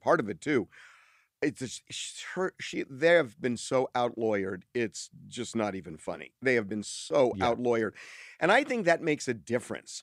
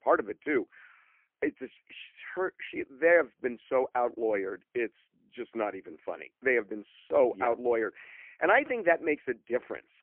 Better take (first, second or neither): first